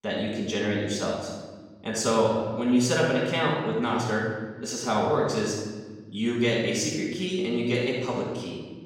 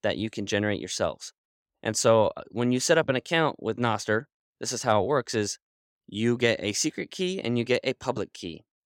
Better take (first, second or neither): second